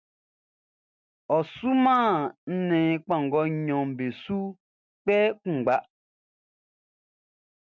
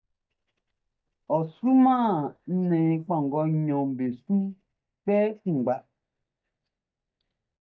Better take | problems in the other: first | noise reduction (neural mask model DeepFilterNet 3)

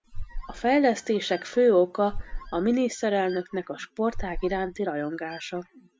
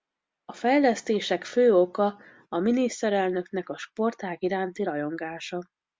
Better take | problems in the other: second | background sound (Squeak); 11 dB below the speech

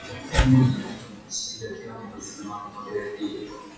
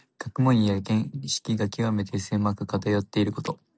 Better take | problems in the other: second | noise reduction (classical method WPE with log-MMSE)

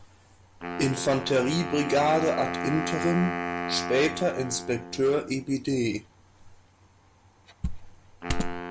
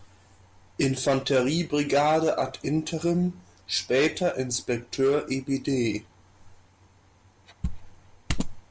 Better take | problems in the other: second | background sound (Wind instrument, woodwind instrument); 7 dB below the speech

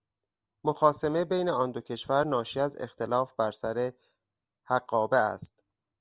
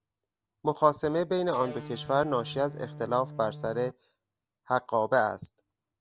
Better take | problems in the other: first | background sound (Electric guitar); 13 dB below the speech

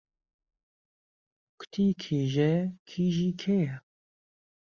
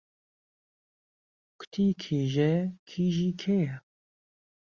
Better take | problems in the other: second | noise reduction (neural mask model Resemble Enhance denoiser)

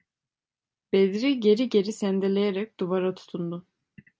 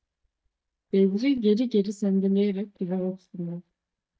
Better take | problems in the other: first | noise reduction (neural mask model DeepFilterNet 3)

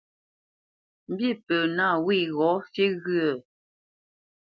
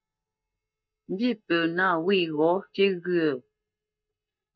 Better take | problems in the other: first | noise reduction (neural mask model DeepFilterNet 3)

